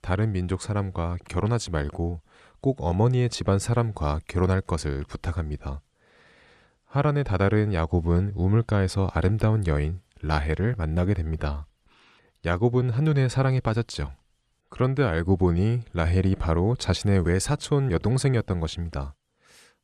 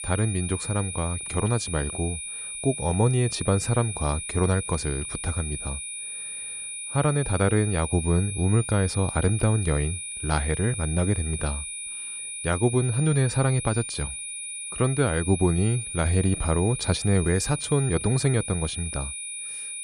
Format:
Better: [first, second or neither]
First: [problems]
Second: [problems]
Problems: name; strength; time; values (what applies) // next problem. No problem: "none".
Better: first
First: none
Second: high-pitched whine; loud; throughout; 9.5 kHz, 6 dB below the speech